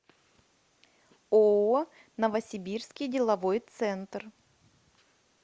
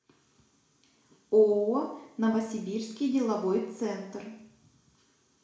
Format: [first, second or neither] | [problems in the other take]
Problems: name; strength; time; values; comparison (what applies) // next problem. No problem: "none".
first | room echo; dies away in 0.6 s